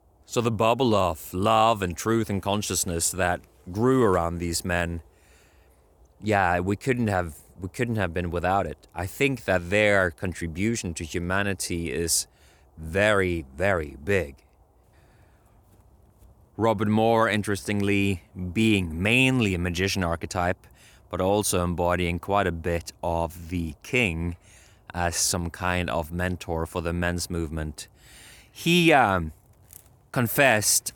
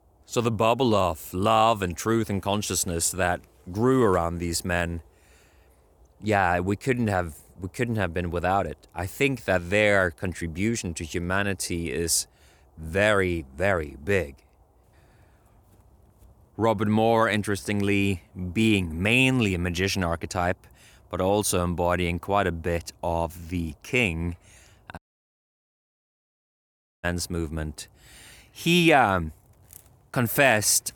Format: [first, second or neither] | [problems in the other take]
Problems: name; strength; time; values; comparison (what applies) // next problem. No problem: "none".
first | audio cutting out; at 25 s for 2 s